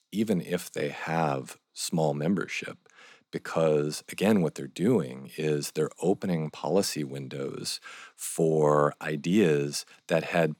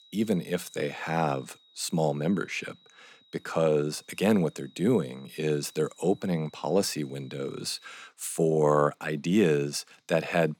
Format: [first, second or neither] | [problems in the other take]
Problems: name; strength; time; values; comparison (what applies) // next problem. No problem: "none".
first | high-pitched whine; faint; until 8 s; 4 kHz, 30 dB below the speech